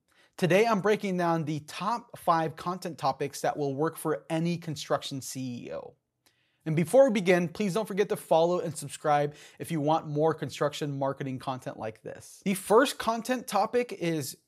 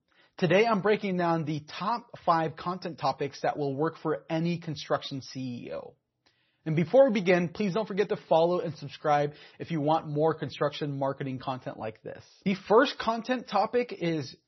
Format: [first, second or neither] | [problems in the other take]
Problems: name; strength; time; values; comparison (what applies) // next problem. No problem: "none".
first | garbled, watery; slightly; nothing above 6 kHz